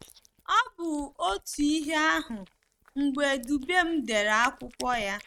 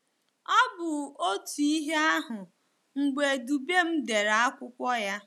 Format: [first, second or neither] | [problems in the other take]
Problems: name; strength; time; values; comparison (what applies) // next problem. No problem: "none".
second | noise reduction (neural mask model RNNoise)